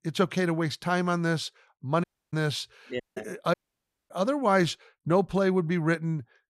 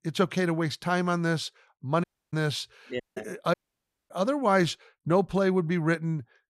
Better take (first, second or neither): neither